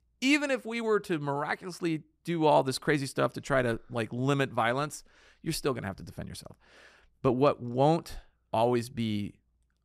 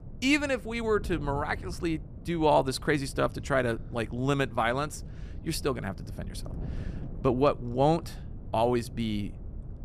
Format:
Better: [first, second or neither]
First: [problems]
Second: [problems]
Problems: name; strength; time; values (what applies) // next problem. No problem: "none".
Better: first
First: none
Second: wind noise on the microphone; occasional gusts; 25 dB below the speech